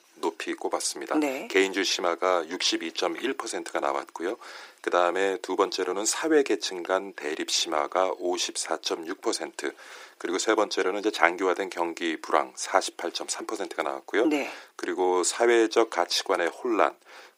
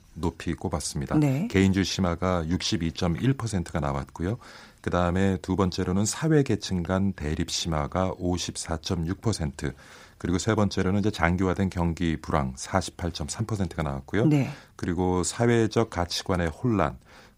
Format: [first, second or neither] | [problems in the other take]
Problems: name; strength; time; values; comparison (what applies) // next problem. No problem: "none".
second | thin; very; fading below 350 Hz